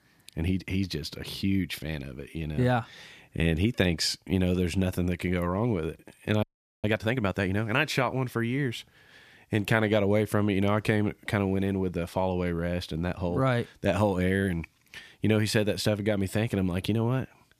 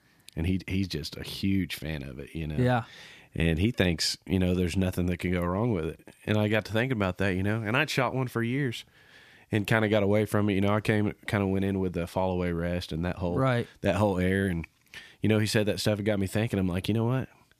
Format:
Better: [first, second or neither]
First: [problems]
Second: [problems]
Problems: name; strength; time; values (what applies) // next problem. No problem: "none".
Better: second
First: audio freezing; at 6.5 s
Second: none